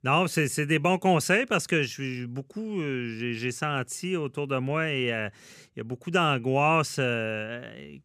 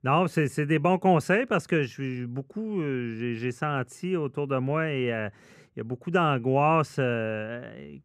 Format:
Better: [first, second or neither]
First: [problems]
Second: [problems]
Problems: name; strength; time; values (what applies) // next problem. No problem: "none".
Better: first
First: none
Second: muffled; slightly; fading above 2.5 kHz